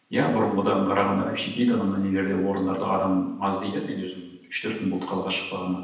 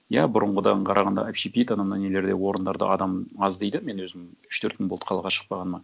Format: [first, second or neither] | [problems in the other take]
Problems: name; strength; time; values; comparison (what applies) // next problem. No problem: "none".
second | room echo; dies away in 0.9 s